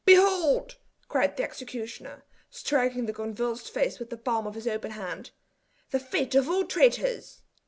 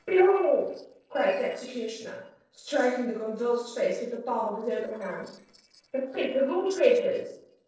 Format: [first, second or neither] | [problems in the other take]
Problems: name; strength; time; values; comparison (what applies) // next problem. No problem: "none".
first | noise reduction (neural separator model SepFormer DNS4)